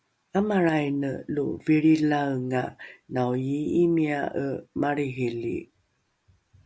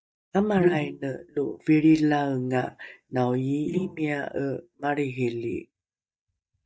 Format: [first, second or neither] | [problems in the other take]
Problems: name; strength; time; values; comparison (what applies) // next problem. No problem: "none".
first | noise reduction (neural mask model DeepFilterNet 3)